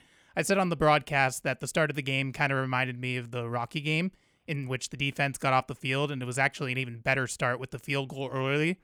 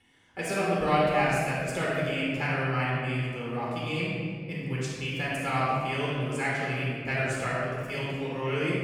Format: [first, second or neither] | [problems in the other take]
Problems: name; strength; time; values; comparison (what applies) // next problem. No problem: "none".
first | off-mic speech; far // room echo; strong; dies away in 2.1 s